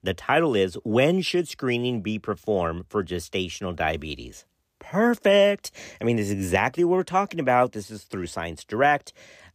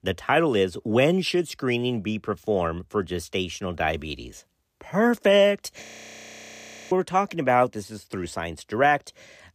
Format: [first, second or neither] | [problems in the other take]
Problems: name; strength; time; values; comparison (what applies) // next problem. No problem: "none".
first | audio freezing; at 6 s for 1 s